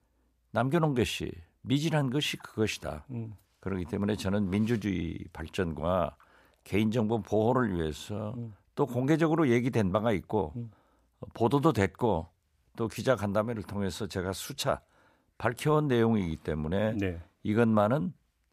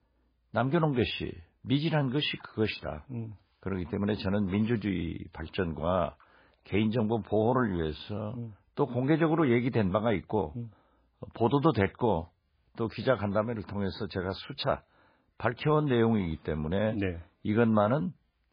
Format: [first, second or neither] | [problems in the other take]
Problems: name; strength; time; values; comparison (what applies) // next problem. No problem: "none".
first | garbled, watery; badly; nothing above 4.5 kHz